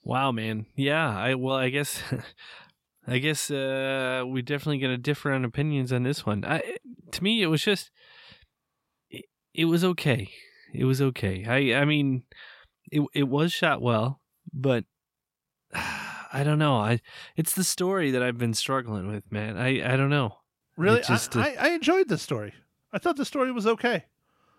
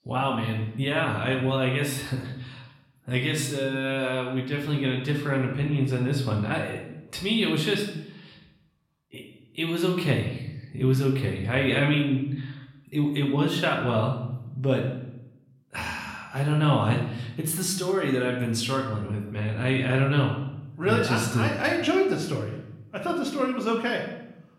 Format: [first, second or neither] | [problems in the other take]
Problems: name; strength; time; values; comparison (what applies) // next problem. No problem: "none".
first | room echo; noticeable; dies away in 0.7 s // off-mic speech; somewhat distant